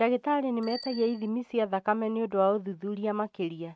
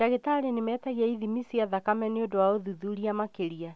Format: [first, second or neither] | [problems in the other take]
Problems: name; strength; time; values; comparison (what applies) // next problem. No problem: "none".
second | noise reduction (neural mask model RNNoise)